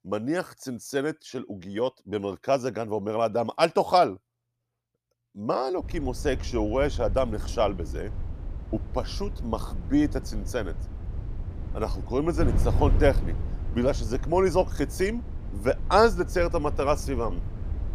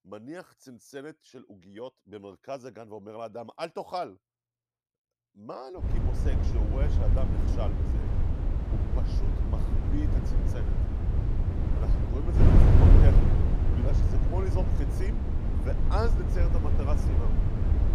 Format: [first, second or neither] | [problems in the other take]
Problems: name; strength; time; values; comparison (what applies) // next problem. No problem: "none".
first | wind noise on the microphone; heavy; from 6 s on; 1 dB above the speech; occasional gusts in the first